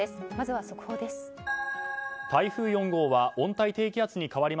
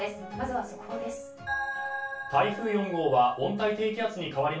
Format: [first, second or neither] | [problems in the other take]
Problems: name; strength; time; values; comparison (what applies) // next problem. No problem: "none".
first | room echo; dies away in 0.3 s